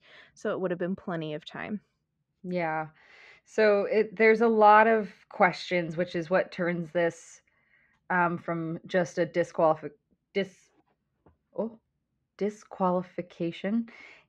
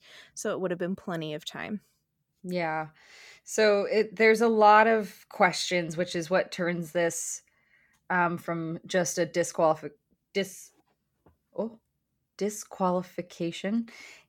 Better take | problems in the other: second | muffled; slightly; fading above 3 kHz

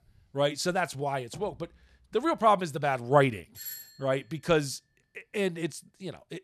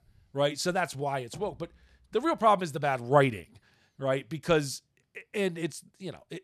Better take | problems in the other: second | doorbell; faint; at 3.5 s; peak 10 dB below the speech

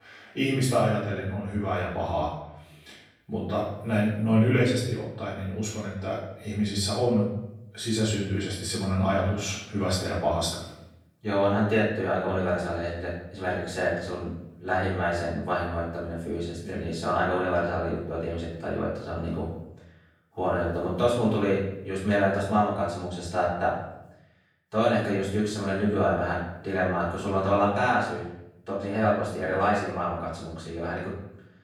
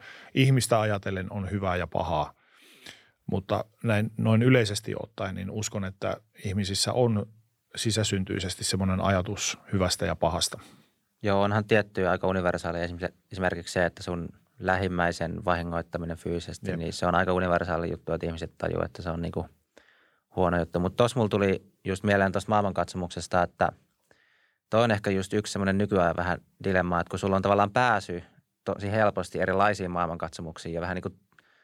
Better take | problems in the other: second | off-mic speech; far // room echo; noticeable; dies away in 0.7 s

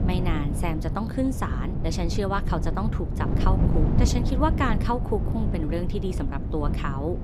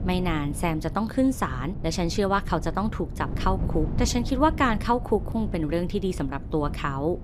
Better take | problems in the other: second | wind noise on the microphone; heavy; 7 dB below the speech; occasional gusts in the second

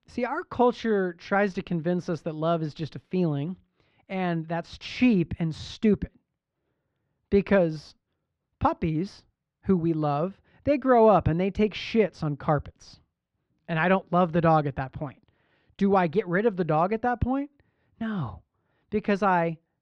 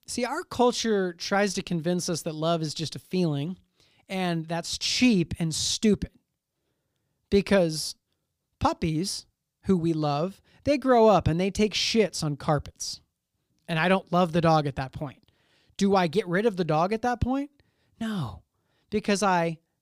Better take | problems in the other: second | muffled; very; fading above 2 kHz

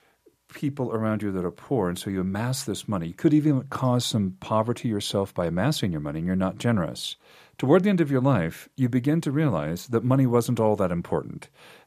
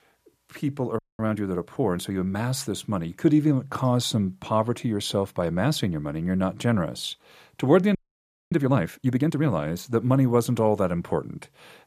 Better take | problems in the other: first | audio freezing; at 1 s and at 8 s for 0.5 s

